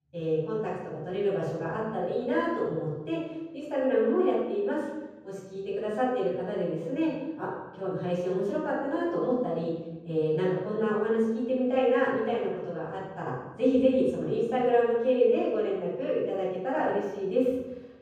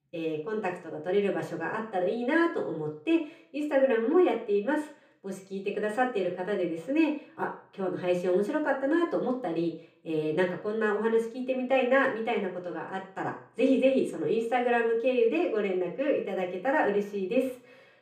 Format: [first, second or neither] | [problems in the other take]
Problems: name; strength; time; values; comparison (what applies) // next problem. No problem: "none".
second | room echo; strong; dies away in 1.3 s; slight in the second // off-mic speech; far; far in the second